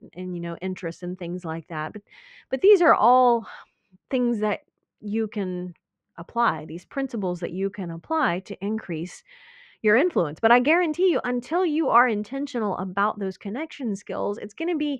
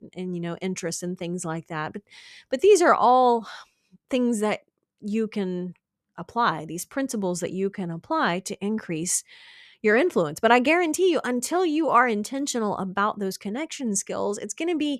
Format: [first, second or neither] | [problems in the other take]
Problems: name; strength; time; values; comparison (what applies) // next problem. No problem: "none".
second | muffled; very; fading above 2.5 kHz